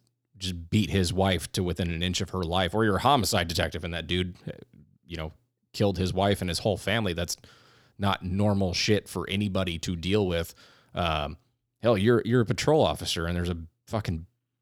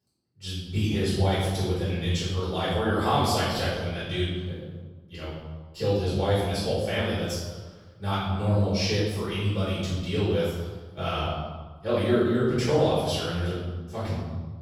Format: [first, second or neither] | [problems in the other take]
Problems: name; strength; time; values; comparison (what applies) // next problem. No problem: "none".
first | off-mic speech; far // room echo; strong; dies away in 1.2 s